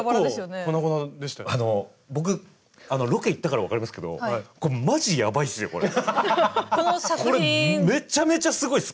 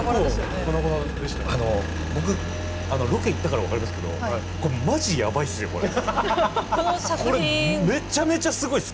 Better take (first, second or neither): first